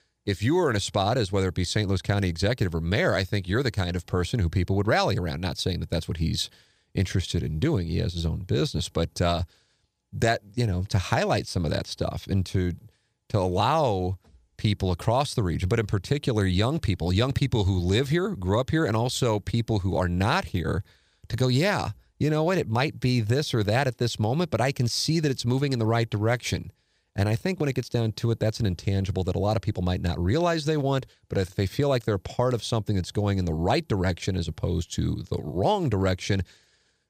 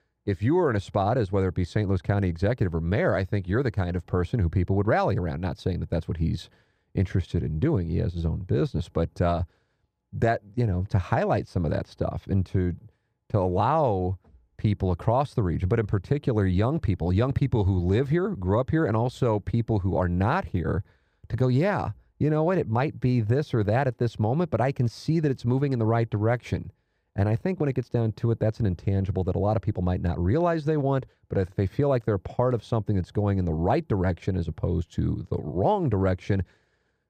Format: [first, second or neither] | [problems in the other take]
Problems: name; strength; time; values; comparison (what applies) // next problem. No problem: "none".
first | muffled; very; fading above 2.5 kHz